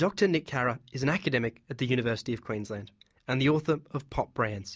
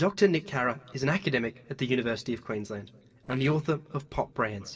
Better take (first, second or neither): first